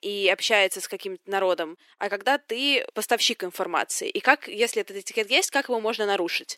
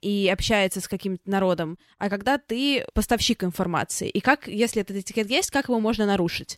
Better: second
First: thin; somewhat; fading below 350 Hz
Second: none

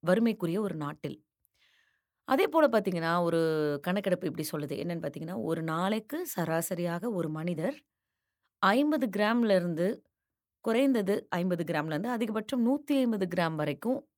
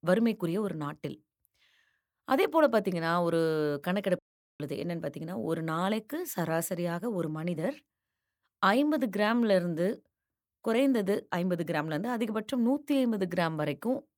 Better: first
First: none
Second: audio cutting out; at 4 s

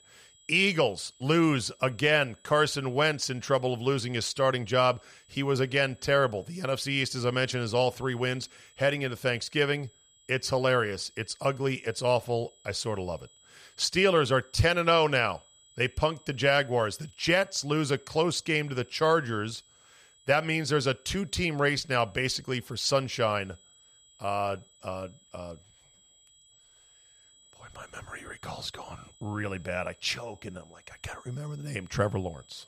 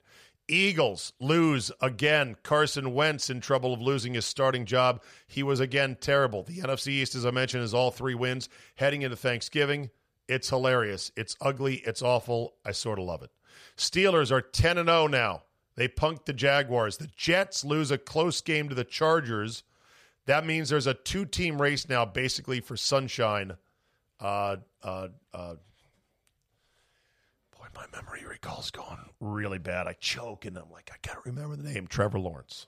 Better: second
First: high-pitched whine; faint; throughout; 3.5 kHz, 30 dB below the speech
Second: none

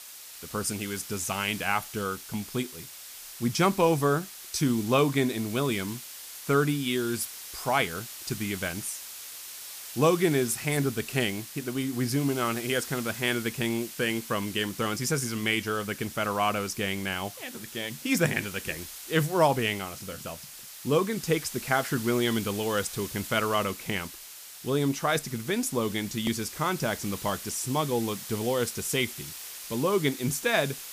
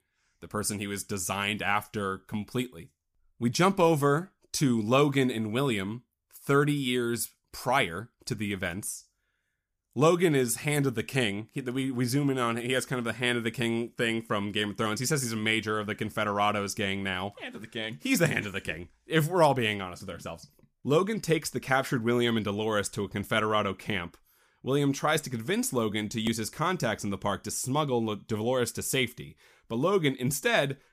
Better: second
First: hiss; noticeable; throughout; 10 dB below the speech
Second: none

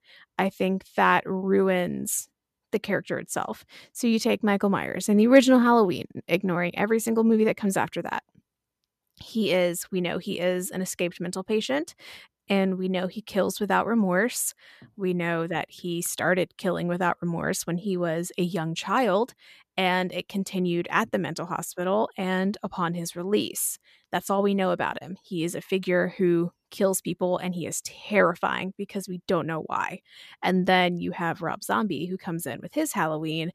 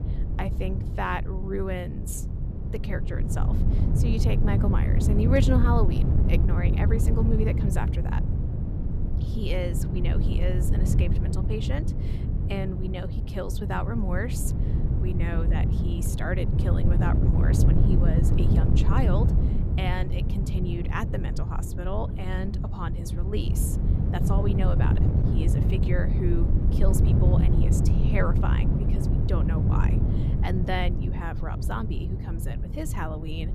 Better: first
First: none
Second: wind noise on the microphone; heavy; 3 dB below the speech

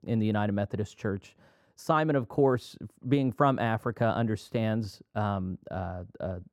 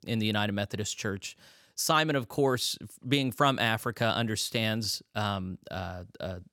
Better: second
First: muffled; very; fading above 2 kHz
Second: none

